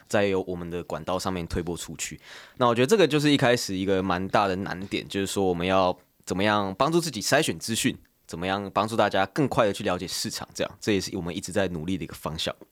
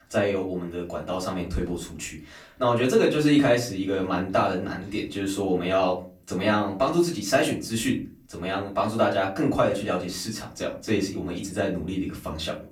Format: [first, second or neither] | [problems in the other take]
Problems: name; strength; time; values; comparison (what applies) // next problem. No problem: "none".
first | off-mic speech; far // room echo; very slight; dies away in 0.3 s